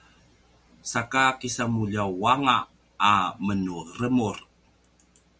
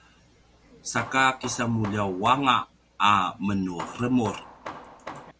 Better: first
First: none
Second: background sound (Hammer); 15 dB below the speech

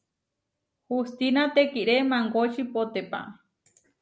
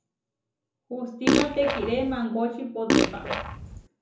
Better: first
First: none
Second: background sound (Fart); 4 dB above the speech // room echo; dies away in 0.6 s

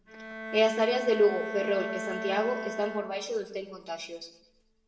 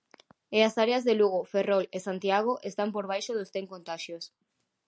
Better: second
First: background sound (Bowed string instrument); 9 dB below the speech // room echo; dies away in 0.8 s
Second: none

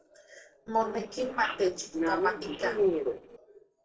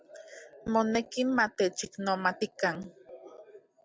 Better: second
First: noise reduction (neural separator model SepFormer DNS4)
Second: none

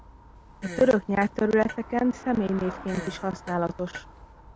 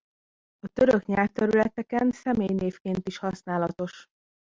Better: second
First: background sound (Fart + Traffic noise, roadway noise / Bicycle); 15 dB below the speech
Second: none

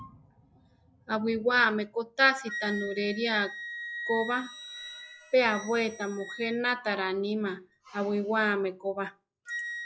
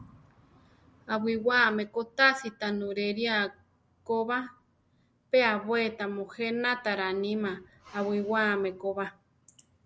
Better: second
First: noise reduction (classical method log-MMSE)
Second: none

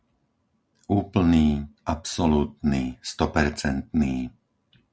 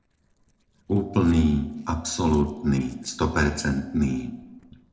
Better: first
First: none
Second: noise reduction (neural separator model SepFormer DNS4)

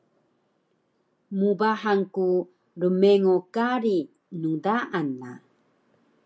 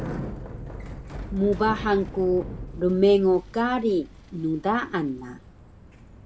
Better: first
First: none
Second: background sound (Bicycle); 12 dB below the speech

